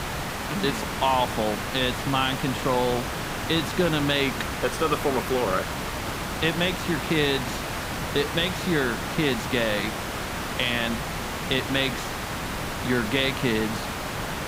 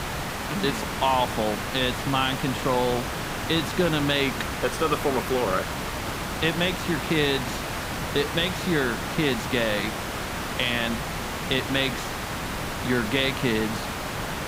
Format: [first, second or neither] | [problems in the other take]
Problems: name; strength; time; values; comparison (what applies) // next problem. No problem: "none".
neither | hiss; loud; throughout; 4 dB below the speech; the same in both